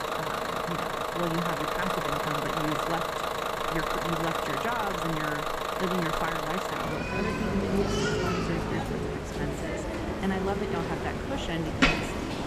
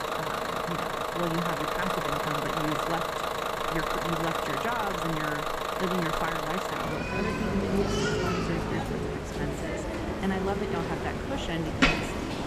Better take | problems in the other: neither | traffic noise; very loud; throughout; 5 dB above the speech; the same in both

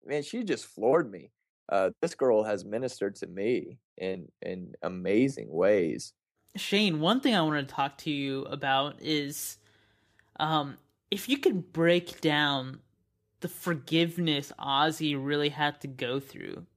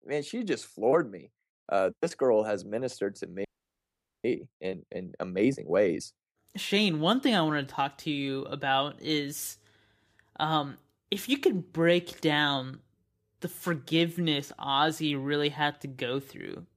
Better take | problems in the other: first | audio freezing; at 3.5 s for 1 s

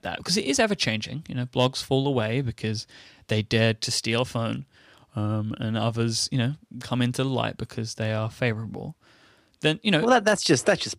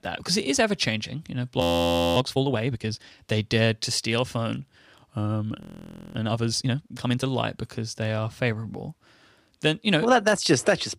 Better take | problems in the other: first | audio freezing; at 1.5 s for 0.5 s and at 5.5 s for 0.5 s

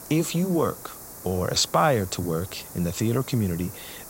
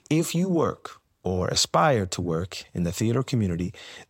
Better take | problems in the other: second | hiss; noticeable; throughout; 15 dB below the speech

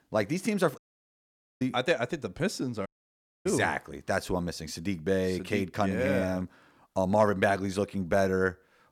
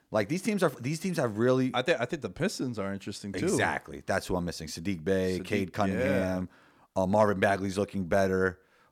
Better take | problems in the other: second | audio cutting out; at 1 s for 1 s and at 3 s for 0.5 s

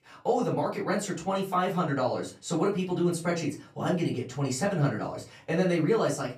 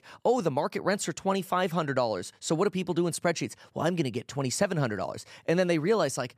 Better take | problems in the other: second | off-mic speech; far // room echo; very slight; dies away in 0.3 s

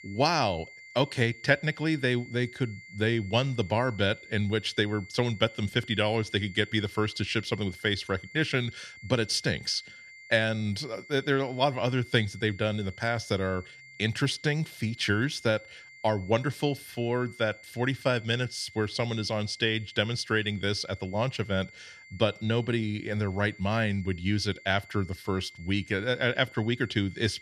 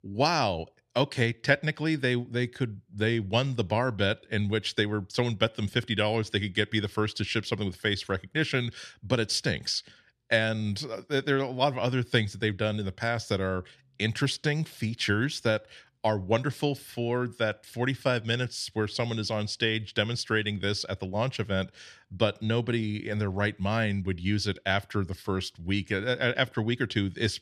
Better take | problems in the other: second | high-pitched whine; noticeable; throughout; 2 kHz, 20 dB below the speech

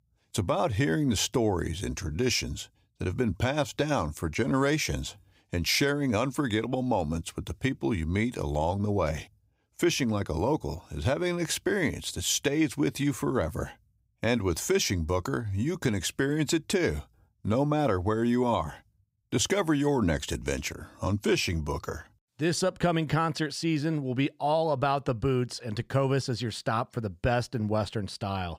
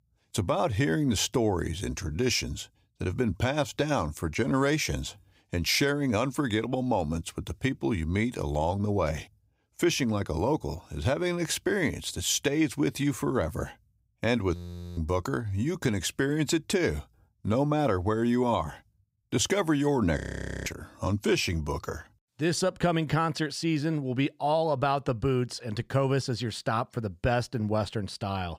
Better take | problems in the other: first | audio freezing; at 15 s and at 20 s

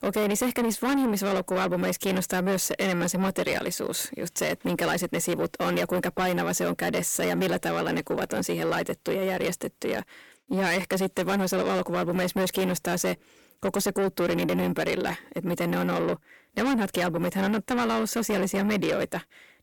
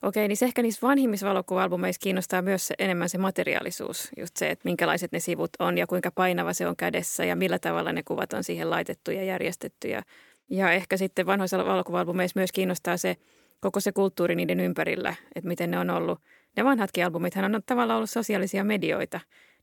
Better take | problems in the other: second | distortion; heavy; 7 dB below the speech

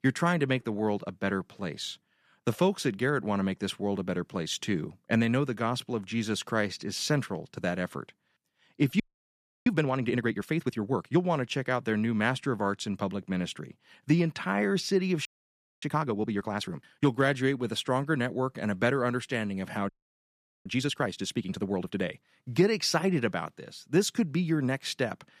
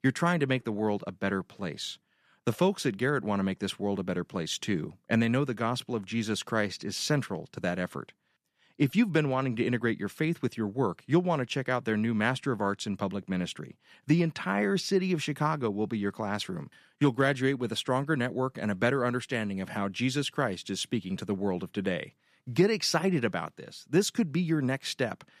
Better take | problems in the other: second | audio freezing; at 9 s for 0.5 s, at 15 s for 0.5 s and at 20 s for 1 s

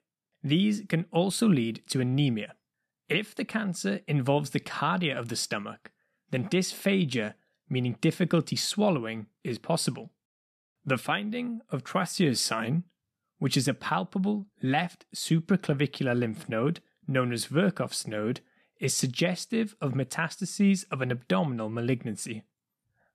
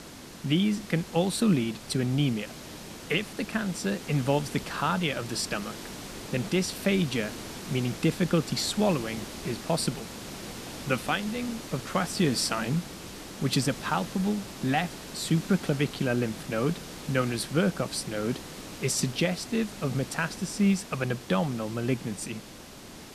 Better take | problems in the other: first | hiss; noticeable; throughout; 10 dB below the speech

